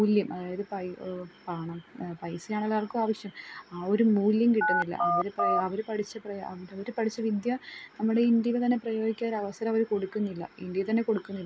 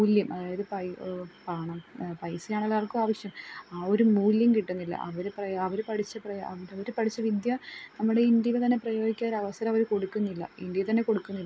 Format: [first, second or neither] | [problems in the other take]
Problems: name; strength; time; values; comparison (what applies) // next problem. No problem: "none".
second | background sound (Telephone); 2 dB above the speech